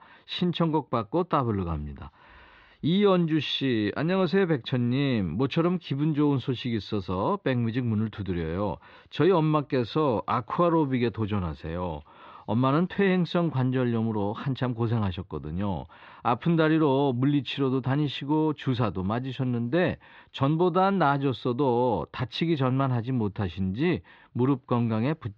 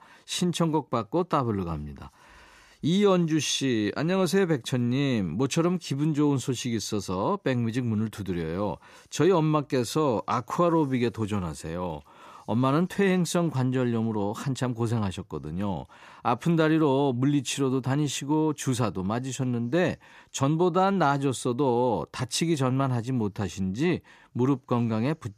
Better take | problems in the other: second | muffled; slightly; fading above 4 kHz

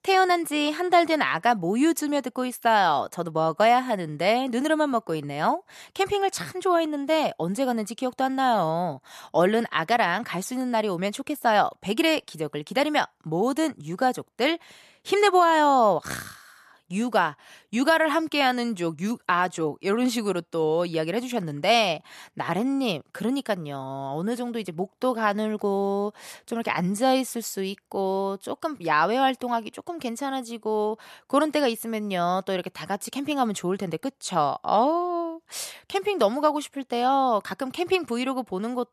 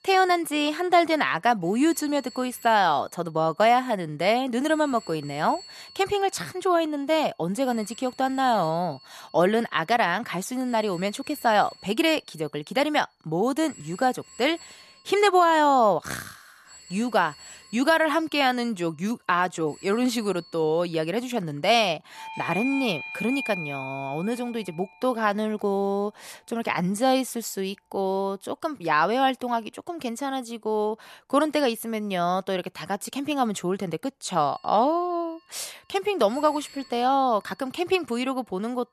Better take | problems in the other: first | alarms or sirens; noticeable; throughout; 15 dB below the speech

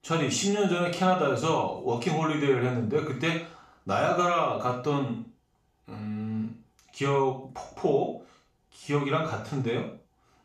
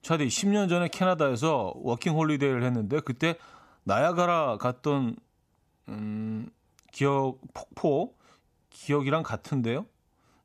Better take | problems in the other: second | room echo; noticeable; dies away in 0.4 s // off-mic speech; far

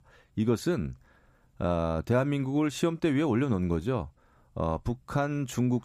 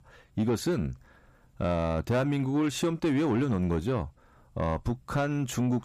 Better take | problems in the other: first | distortion; slight; 10 dB below the speech

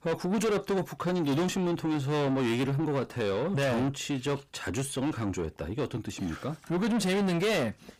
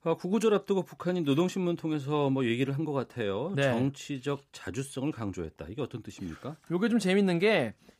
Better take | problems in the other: second | distortion; heavy; 7 dB below the speech

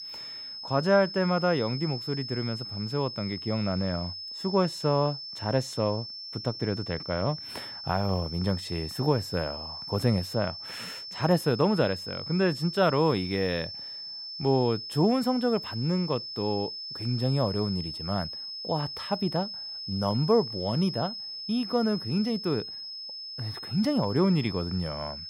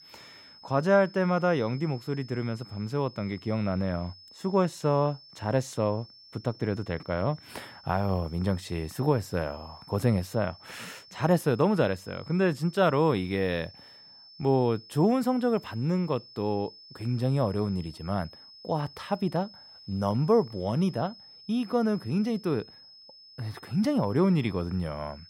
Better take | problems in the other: second | high-pitched whine; loud; throughout; 5 kHz, 8 dB below the speech; faint in the second

